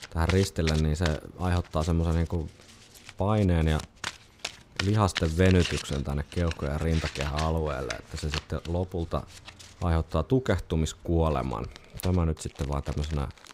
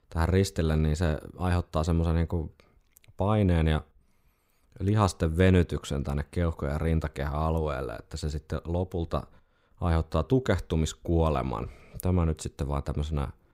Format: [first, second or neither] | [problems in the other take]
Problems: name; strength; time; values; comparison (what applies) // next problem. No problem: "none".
second | household noises; noticeable; throughout; 10 dB below the speech